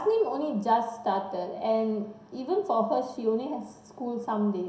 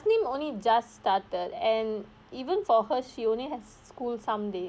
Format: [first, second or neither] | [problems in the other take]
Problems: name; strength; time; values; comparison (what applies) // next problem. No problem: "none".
second | room echo; dies away in 0.7 s